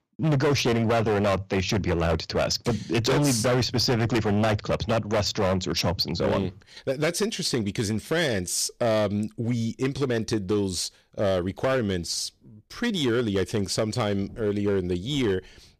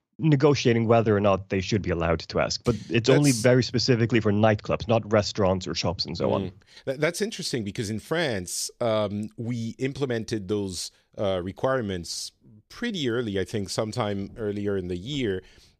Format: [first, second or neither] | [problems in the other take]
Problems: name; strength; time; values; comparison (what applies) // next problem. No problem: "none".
second | distortion; heavy; 12% of the sound clipped